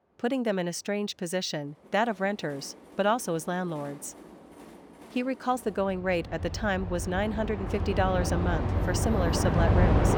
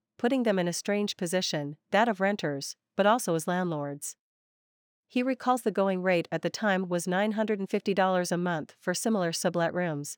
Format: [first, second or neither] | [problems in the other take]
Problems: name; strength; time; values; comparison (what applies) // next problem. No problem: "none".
second | train or aircraft noise; very loud; throughout; 1 dB above the speech